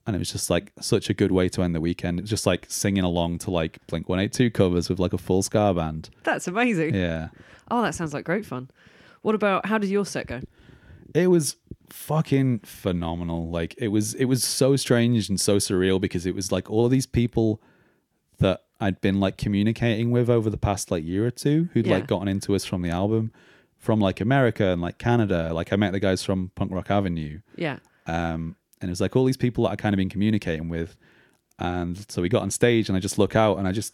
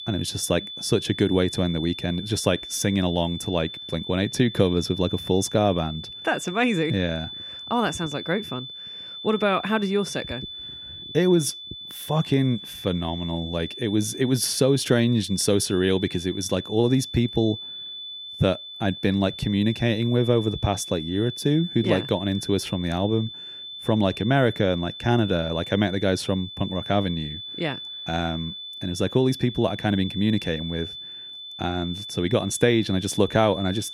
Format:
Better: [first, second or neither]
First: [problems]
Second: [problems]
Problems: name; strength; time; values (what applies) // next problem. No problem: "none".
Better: first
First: none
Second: high-pitched whine; noticeable; throughout; 3.5 kHz, 10 dB below the speech